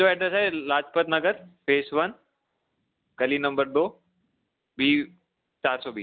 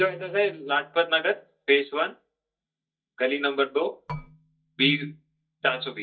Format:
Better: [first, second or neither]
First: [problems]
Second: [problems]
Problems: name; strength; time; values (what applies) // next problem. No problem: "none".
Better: first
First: none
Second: noise reduction (neural mask model DeepFilterNet 3)